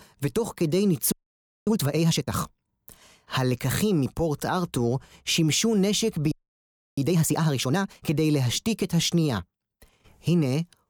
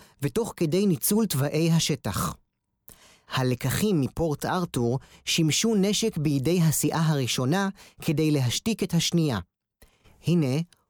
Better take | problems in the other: second | audio freezing; at 1 s for 0.5 s and at 6.5 s for 0.5 s

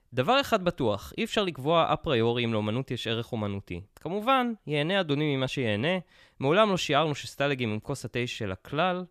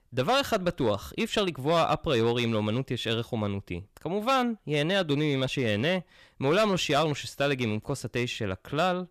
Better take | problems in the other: first | distortion; slight; 4% of the sound clipped

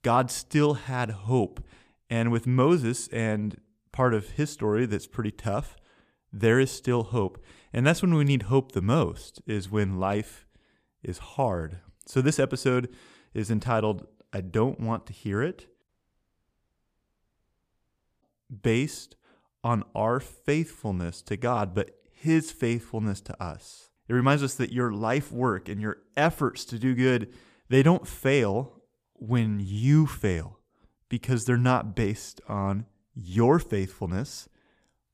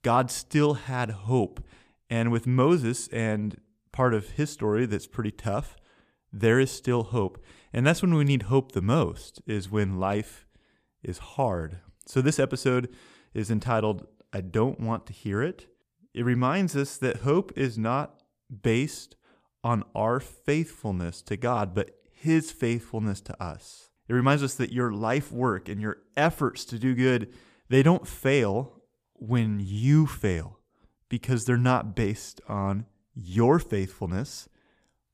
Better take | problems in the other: second | audio cutting out; at 16 s for 2.5 s

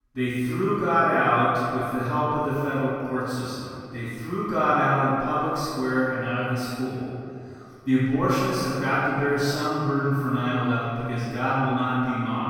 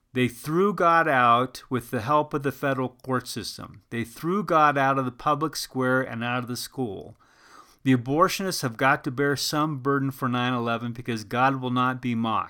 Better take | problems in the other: second | off-mic speech; far // room echo; strong; dies away in 2.4 s

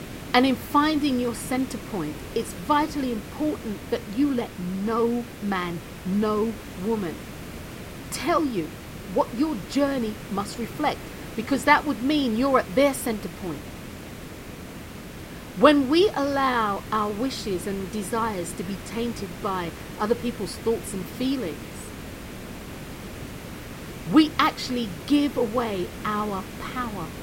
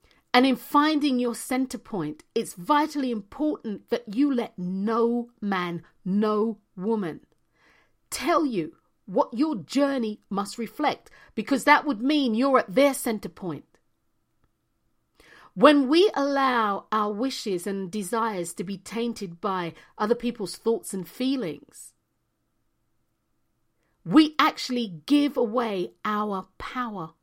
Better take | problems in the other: second | hiss; noticeable; throughout; 15 dB below the speech

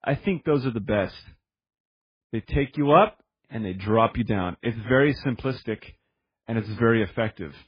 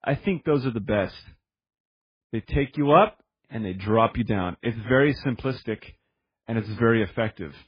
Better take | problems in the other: neither | garbled, watery; badly; nothing above 5 kHz; the same in both

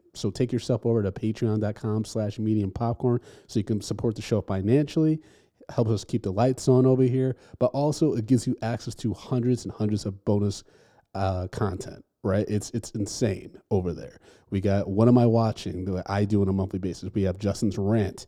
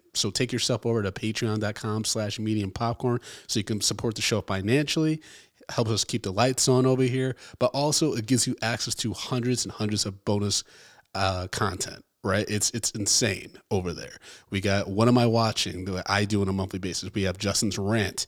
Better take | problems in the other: second | muffled; slightly; fading above 1 kHz

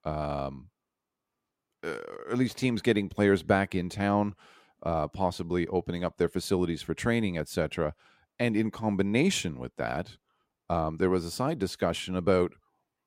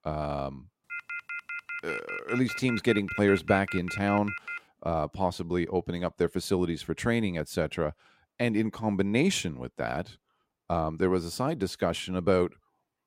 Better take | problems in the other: first | phone ringing; noticeable; from 1 to 4.5 s; peak 7 dB below the speech

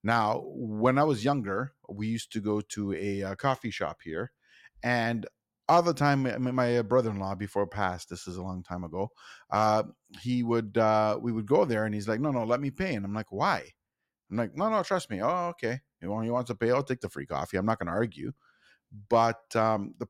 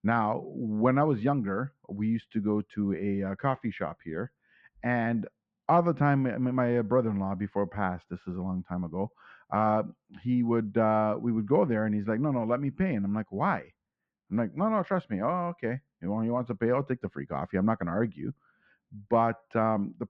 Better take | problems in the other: first | muffled; very; fading above 2 kHz

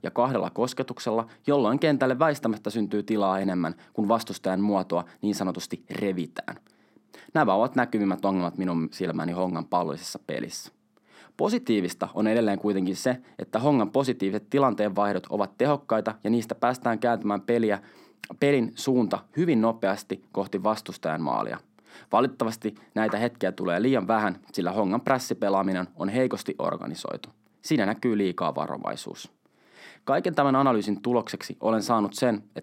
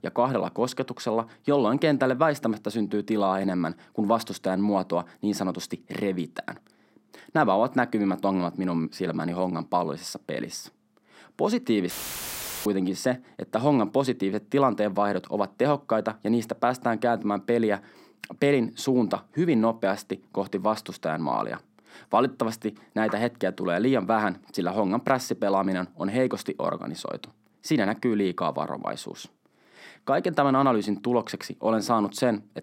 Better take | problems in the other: first | audio cutting out; filled with static; at 12 s for 1 s

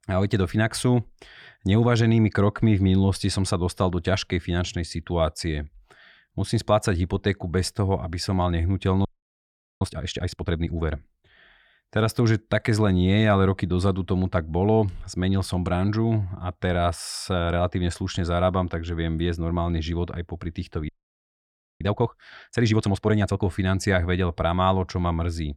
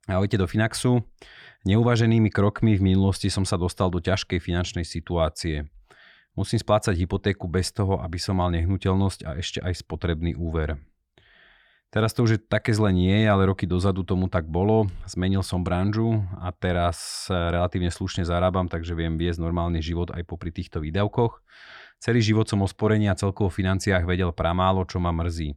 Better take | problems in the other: second | audio freezing; at 9 s for 1 s and at 21 s for 1 s

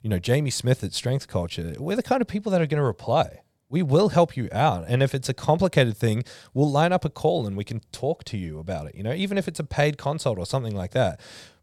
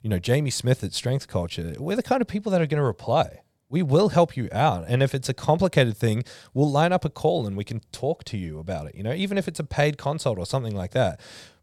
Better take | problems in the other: neither | none

